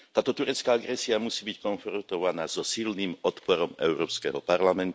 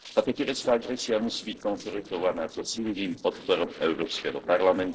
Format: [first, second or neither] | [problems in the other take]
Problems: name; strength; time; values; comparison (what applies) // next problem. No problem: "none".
first | noise reduction (neural separator model SepFormer DNS4)